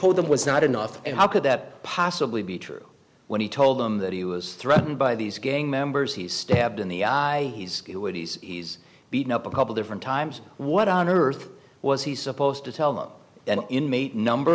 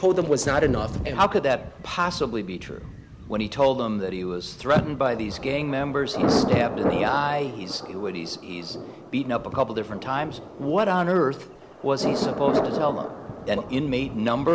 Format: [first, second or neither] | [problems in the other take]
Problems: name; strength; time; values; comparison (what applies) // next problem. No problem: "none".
first | background sound (Thunder); 6 dB below the speech